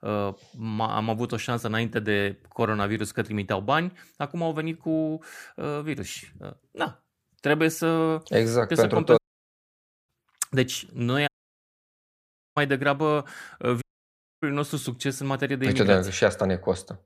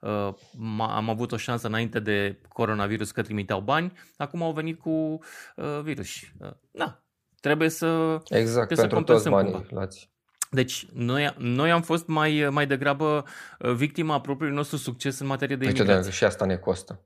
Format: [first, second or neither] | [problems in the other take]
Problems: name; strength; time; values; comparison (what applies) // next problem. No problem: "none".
second | audio cutting out; at 9 s for 1 s, at 11 s for 1.5 s and at 14 s for 0.5 s